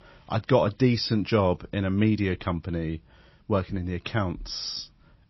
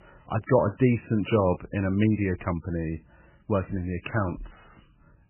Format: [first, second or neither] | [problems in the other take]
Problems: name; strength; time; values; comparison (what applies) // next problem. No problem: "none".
first | garbled, watery; badly; nothing above 3 kHz; slightly in the first